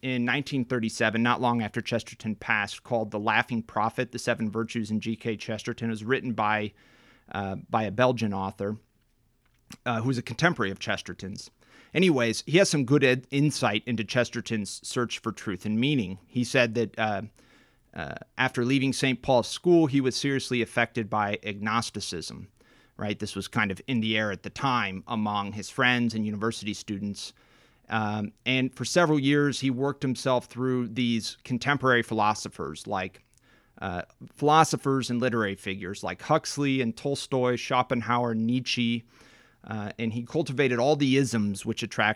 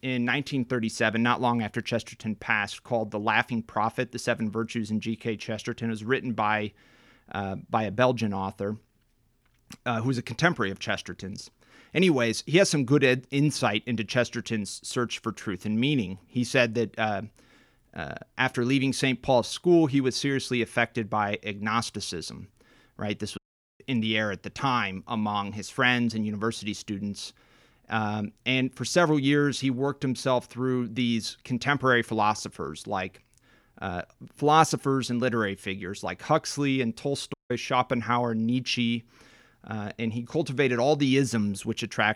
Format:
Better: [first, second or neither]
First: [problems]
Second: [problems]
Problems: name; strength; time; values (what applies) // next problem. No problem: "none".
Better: first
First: none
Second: audio cutting out; at 23 s and at 37 s